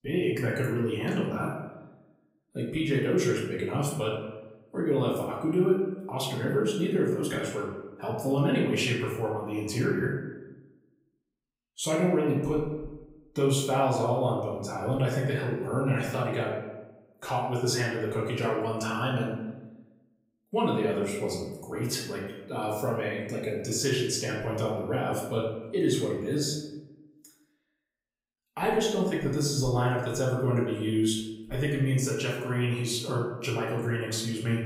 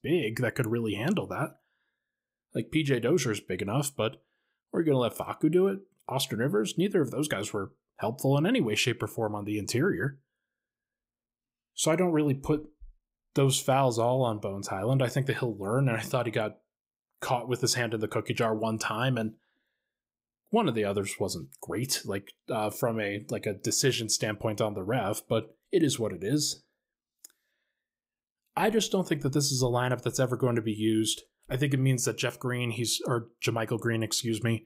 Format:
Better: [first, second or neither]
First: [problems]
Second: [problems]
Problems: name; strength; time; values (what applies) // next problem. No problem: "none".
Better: second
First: room echo; noticeable; dies away in 0.9 s // off-mic speech; far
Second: none